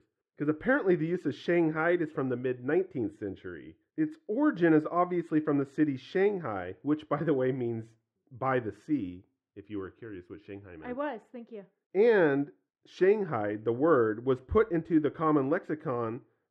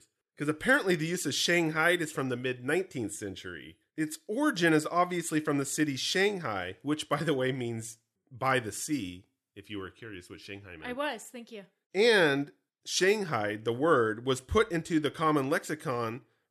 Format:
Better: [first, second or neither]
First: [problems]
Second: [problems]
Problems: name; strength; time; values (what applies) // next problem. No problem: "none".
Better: second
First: muffled; very; fading above 4 kHz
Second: none